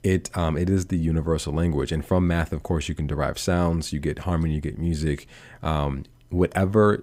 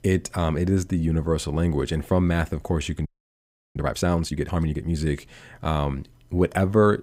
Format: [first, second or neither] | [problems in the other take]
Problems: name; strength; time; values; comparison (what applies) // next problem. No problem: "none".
first | audio freezing; at 3 s for 0.5 s